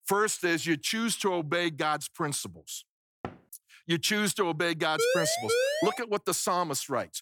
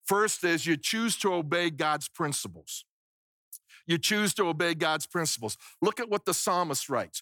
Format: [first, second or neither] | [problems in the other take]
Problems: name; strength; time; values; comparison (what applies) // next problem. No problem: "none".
second | door banging; faint; at 3 s; peak 15 dB below the speech // siren; loud; from 5 to 6 s; peak 2 dB above the speech